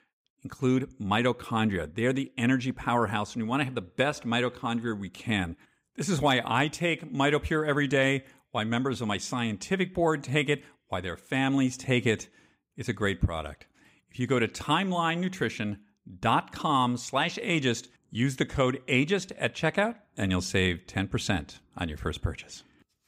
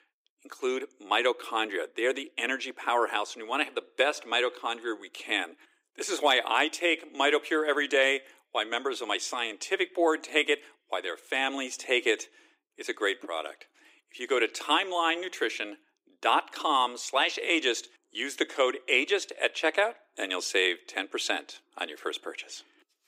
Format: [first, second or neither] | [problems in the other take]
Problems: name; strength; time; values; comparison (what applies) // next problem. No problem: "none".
first | thin; very; fading below 300 Hz